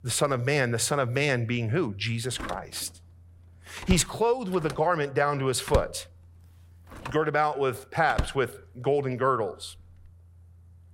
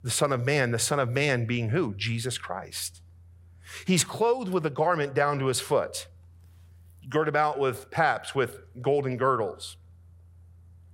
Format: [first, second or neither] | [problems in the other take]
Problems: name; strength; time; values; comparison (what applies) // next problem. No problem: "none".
second | door banging; noticeable; from 2.5 to 8.5 s; peak 5 dB below the speech